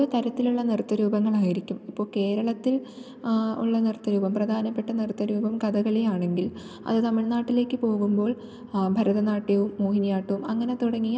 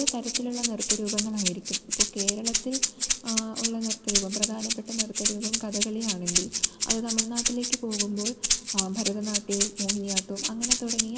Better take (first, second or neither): first